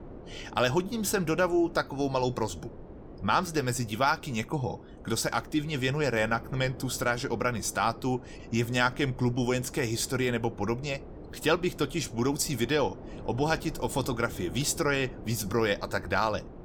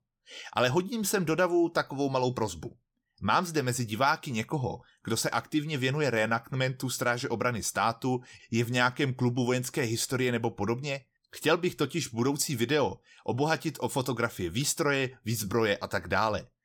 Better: second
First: wind noise on the microphone; occasional gusts; 20 dB below the speech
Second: none

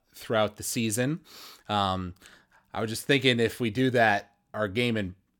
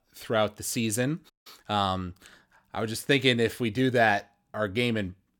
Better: first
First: none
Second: audio cutting out; at 1.5 s

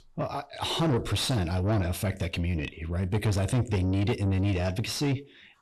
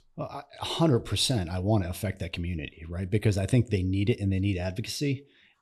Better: second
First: distortion; heavy; 7 dB below the speech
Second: none

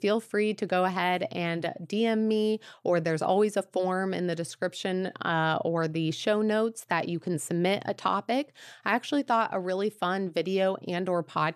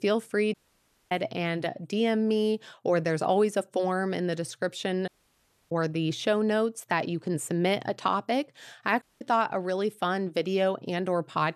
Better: first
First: none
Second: audio cutting out; at 0.5 s for 0.5 s, at 5 s for 0.5 s and at 9 s

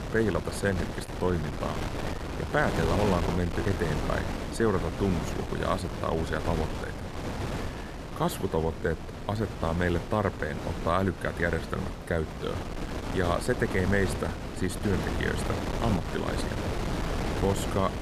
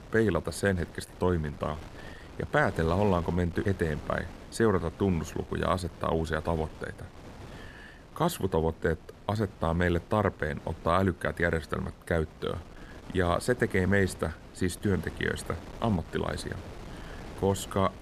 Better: second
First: wind noise on the microphone; heavy; 5 dB below the speech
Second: wind noise on the microphone; occasional gusts; 20 dB below the speech

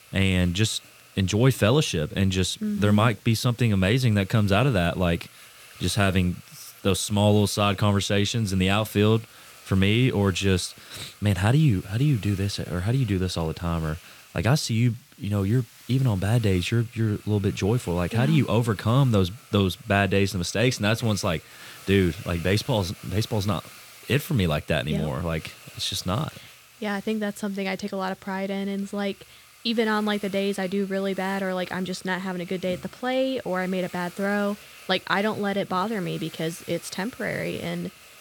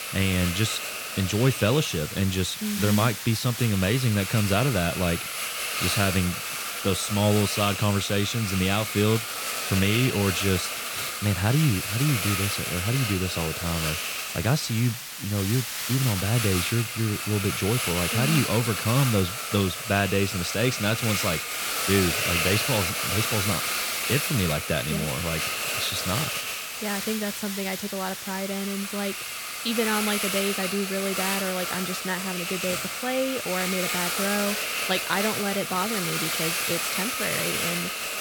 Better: first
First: hiss; faint; throughout; 20 dB below the speech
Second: hiss; loud; throughout; 1 dB below the speech

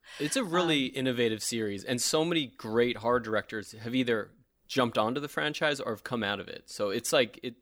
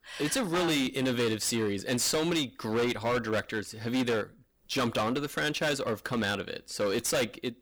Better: first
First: none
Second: distortion; heavy; 18% of the sound clipped

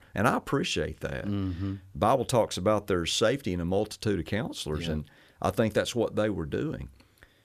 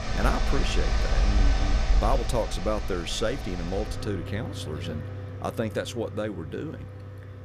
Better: first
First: none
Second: machinery noise; very loud; throughout; 1 dB above the speech

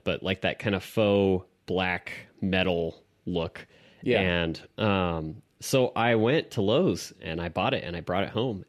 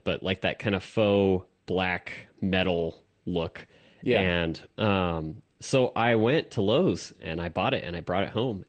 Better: first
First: none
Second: garbled, watery; slightly; nothing above 8.5 kHz

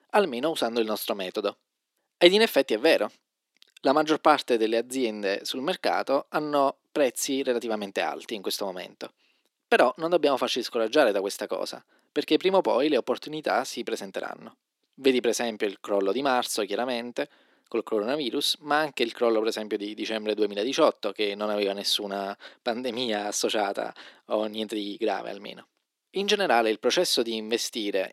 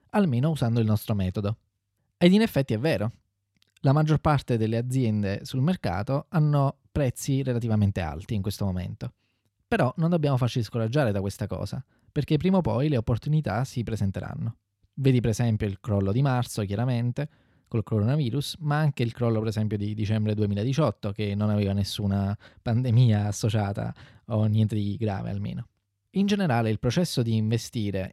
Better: second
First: thin; very; fading below 300 Hz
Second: none

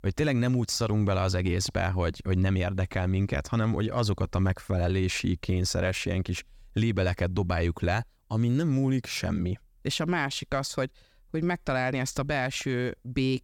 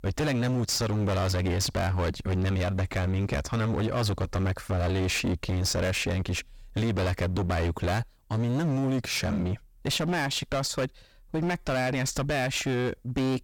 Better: first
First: none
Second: distortion; heavy; 26% of the sound clipped

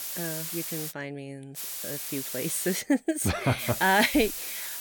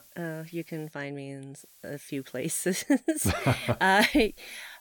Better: second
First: hiss; loud; at the start, from 1.5 to 3 s and from 3.5 s on; 6 dB below the speech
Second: hiss; faint; at the start, from 1.5 to 3 s and from 3.5 s on; 25 dB below the speech

